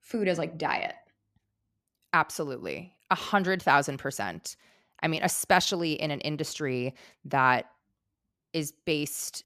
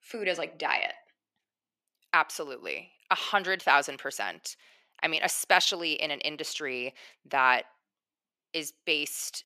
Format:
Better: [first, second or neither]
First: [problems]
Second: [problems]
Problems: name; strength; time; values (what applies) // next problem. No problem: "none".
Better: first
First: none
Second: thin; somewhat; fading below 400 Hz